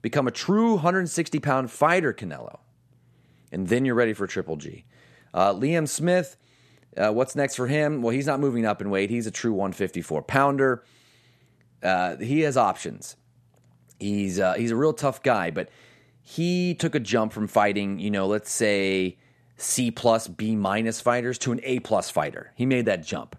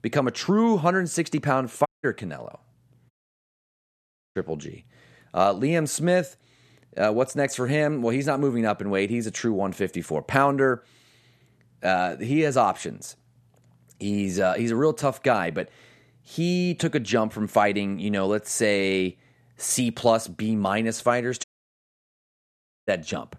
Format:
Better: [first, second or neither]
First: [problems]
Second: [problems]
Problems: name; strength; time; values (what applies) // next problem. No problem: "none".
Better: first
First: none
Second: audio cutting out; at 2 s, at 3 s for 1 s and at 21 s for 1.5 s